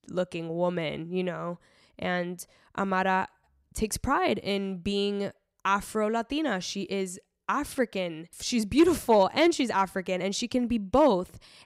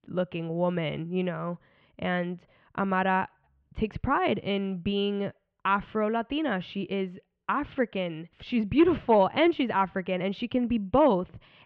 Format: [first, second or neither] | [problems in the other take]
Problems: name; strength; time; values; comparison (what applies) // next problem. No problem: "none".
first | muffled; very; fading above 3 kHz